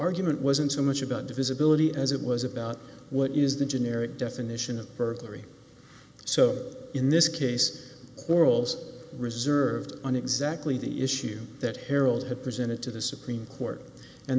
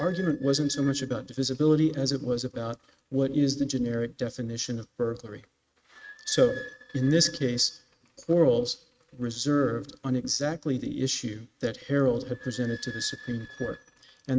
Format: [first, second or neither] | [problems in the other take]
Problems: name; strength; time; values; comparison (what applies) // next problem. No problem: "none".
first | noise reduction (neural mask model RNNoise)